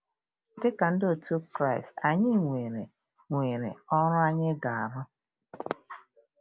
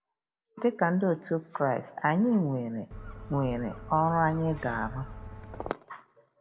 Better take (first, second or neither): first